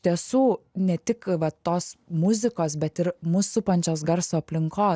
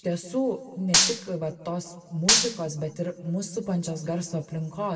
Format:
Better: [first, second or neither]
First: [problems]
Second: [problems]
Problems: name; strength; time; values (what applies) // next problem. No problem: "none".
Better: first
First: none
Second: background sound (Gunshot, gunfire); 4 dB above the speech // room echo; dies away in 1.6 s